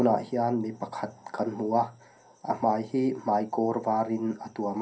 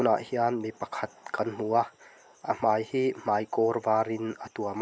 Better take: second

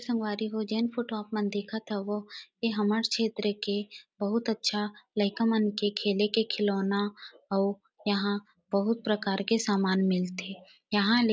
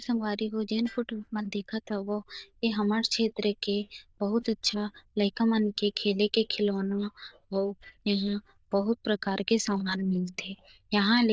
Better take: first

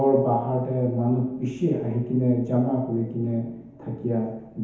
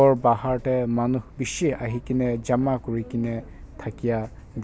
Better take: second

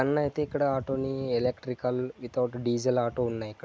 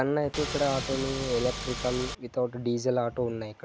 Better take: first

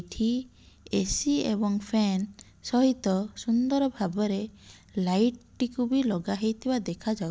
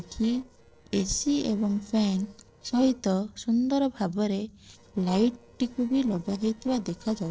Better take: first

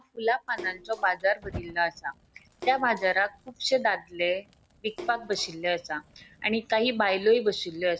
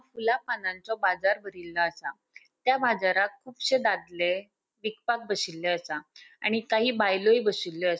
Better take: second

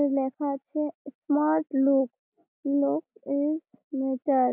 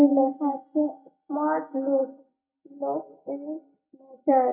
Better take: first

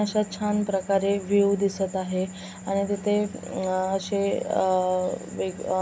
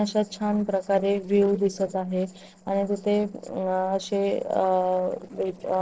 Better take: first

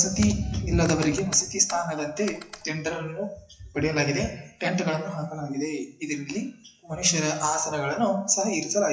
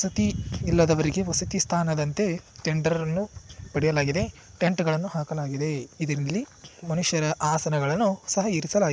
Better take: second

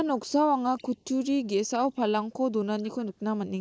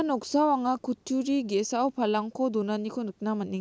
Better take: second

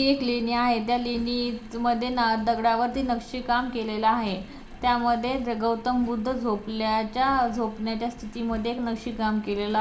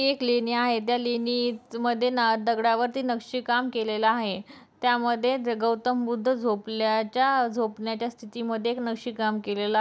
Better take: second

